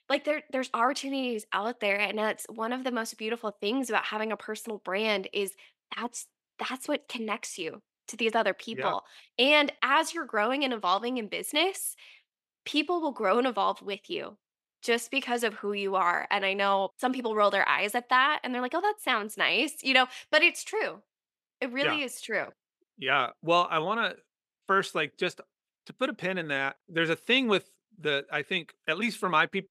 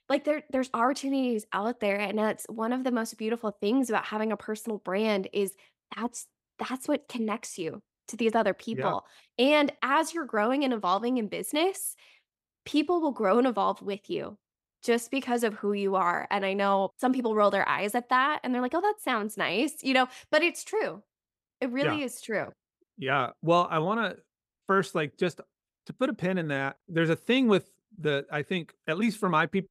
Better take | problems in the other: second | thin; very slightly; fading below 700 Hz

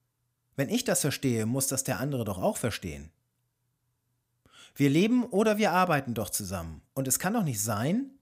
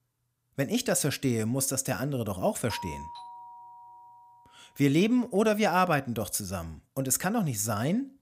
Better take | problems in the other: first | doorbell; faint; from 2.5 to 4.5 s; peak 10 dB below the speech

